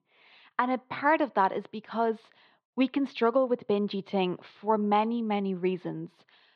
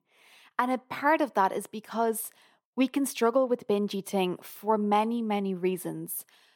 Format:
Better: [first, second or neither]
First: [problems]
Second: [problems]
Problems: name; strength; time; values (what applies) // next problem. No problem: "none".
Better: second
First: muffled; very slightly; fading above 4 kHz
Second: none